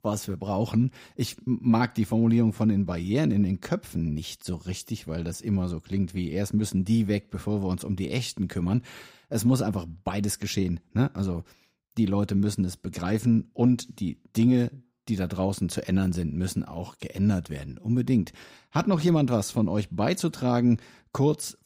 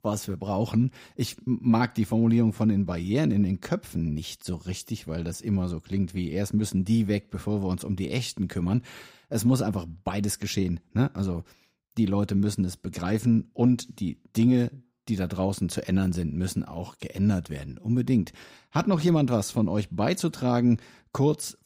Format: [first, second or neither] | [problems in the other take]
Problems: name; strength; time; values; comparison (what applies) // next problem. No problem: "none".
neither | none